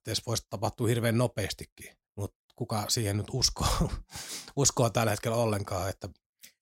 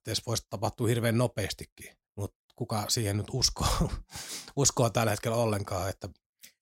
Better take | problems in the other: neither | none

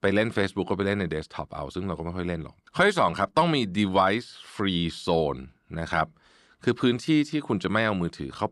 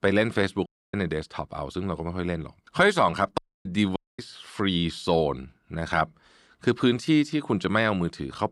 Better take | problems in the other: first | audio cutting out; at 0.5 s, at 3.5 s and at 4 s

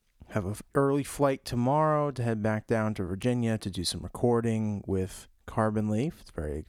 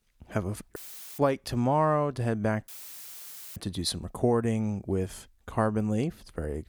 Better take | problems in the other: first | audio cutting out; filled with static; at 1 s and at 2.5 s for 1 s

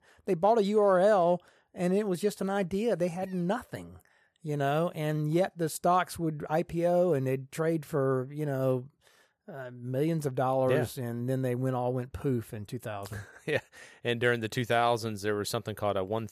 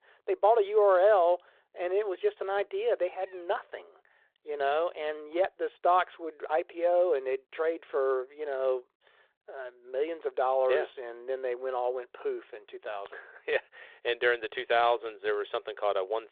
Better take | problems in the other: first | phone-call audio

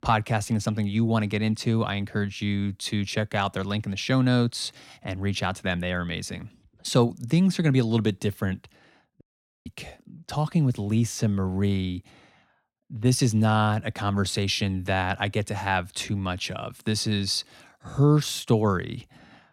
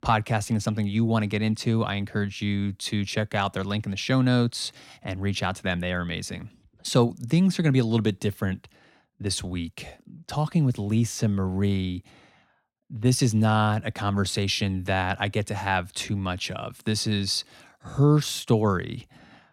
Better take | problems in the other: second | audio cutting out; at 9 s

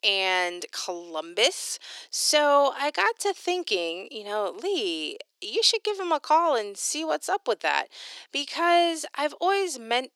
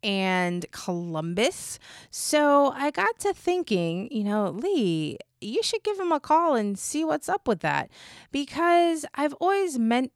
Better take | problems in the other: second | thin; very; fading below 350 Hz

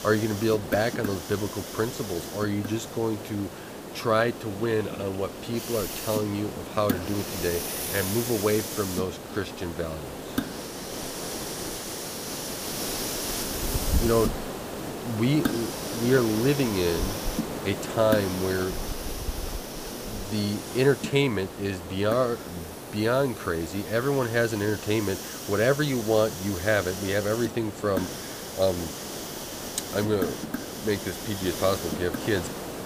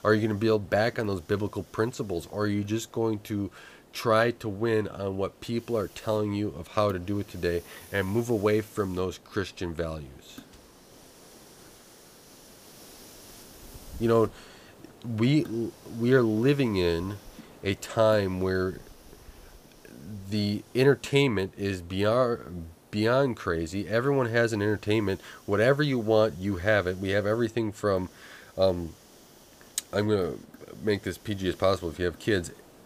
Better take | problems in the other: second | hiss; loud; throughout; 6 dB below the speech; faint in the second

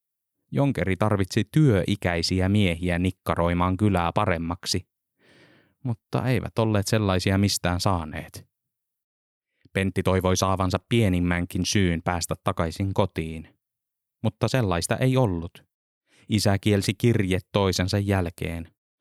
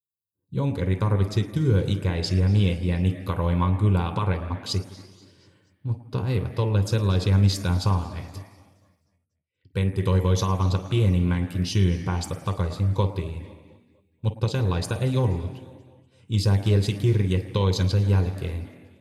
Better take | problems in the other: first | room echo; slight; dies away in 1.8 s

